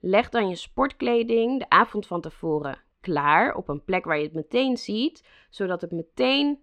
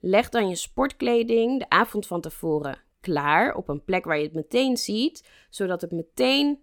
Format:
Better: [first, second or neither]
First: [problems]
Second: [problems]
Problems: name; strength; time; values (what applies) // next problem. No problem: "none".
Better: second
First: muffled; very slightly; fading above 3 kHz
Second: none